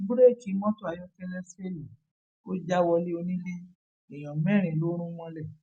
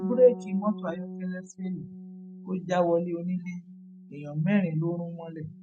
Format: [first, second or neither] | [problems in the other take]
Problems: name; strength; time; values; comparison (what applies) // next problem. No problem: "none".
first | noise reduction (neural mask model RNNoise)